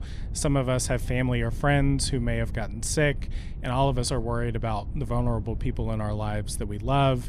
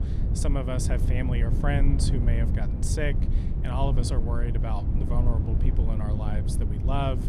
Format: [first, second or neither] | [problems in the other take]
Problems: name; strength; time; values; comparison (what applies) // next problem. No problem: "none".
first | low rumble; loud; throughout; 5 dB below the speech; faint in the first